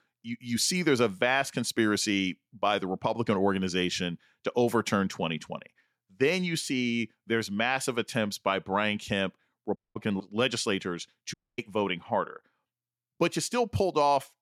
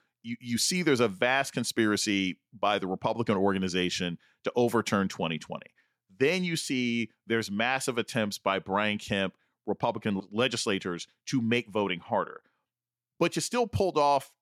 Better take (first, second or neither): second